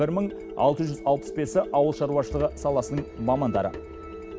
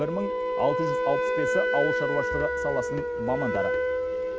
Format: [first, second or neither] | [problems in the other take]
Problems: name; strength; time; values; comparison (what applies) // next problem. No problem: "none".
first | background sound (Wind instrument, woodwind instrument); 3 dB above the speech